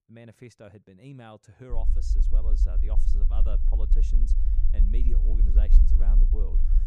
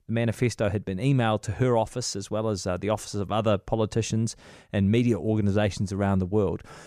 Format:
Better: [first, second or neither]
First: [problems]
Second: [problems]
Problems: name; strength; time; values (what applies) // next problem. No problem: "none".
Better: second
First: low rumble; loud; from 1.5 s on; 2 dB below the speech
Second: none